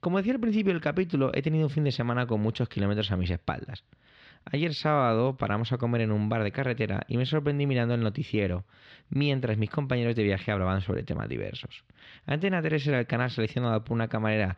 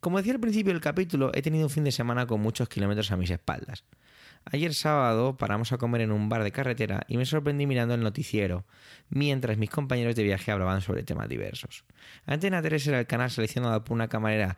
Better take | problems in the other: second | muffled; very slightly; fading above 4 kHz

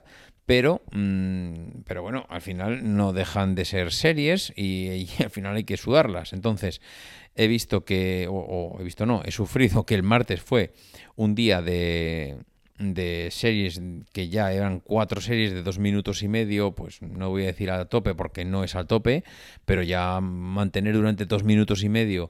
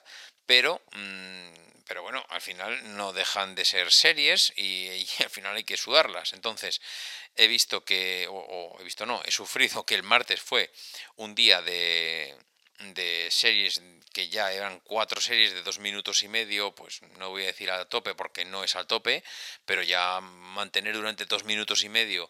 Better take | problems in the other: first | thin; very; fading below 850 Hz

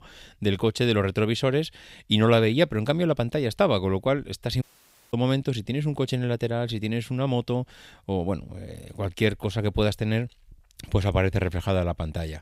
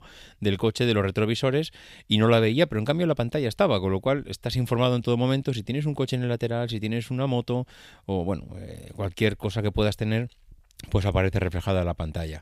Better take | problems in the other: second | audio cutting out; at 4.5 s for 0.5 s

